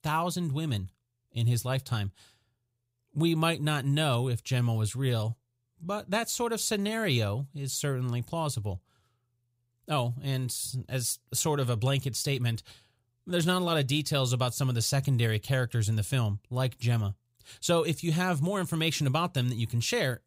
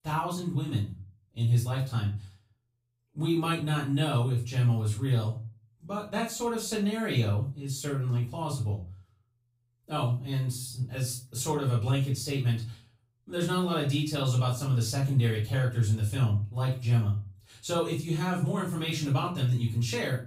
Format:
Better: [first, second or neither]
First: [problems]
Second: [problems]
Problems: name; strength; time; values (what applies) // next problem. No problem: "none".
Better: first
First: none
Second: room echo; slight; dies away in 0.3 s // off-mic speech; far